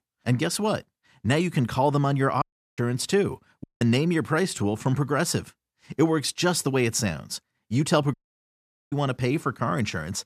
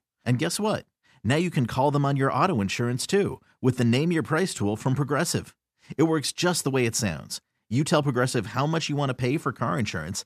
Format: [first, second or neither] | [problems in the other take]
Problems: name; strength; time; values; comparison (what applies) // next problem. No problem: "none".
second | audio cutting out; at 2.5 s, at 3.5 s and at 8 s for 1 s